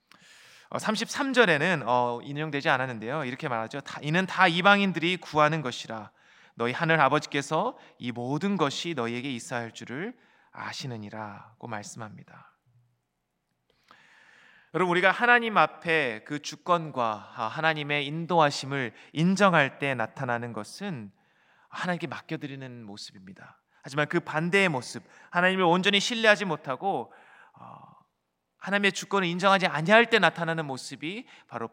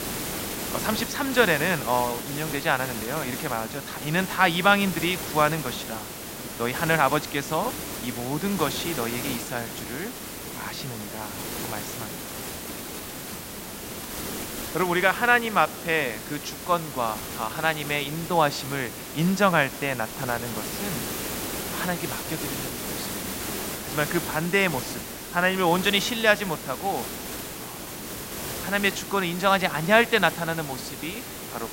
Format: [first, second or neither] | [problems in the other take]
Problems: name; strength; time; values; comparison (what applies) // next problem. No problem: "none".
first | hiss; loud; throughout; 7 dB below the speech